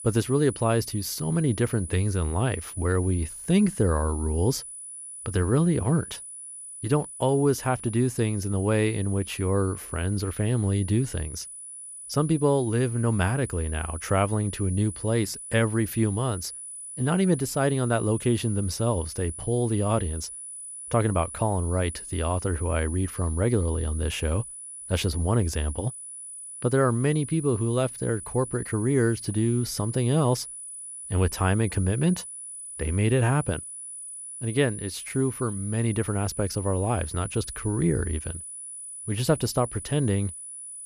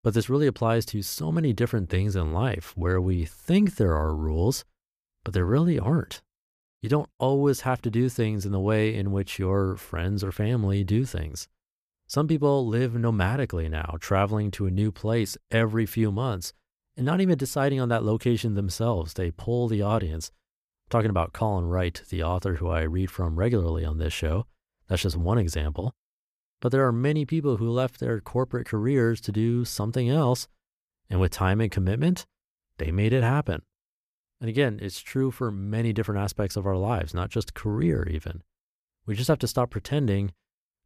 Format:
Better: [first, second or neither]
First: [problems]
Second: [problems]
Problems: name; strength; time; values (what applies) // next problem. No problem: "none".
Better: second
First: high-pitched whine; noticeable; throughout; 10 kHz, 10 dB below the speech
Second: none